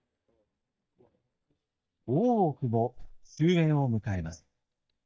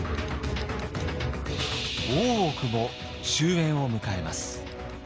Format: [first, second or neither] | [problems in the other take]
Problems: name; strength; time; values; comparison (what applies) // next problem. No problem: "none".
second | noise reduction (neural mask model DeepFilterNet 3)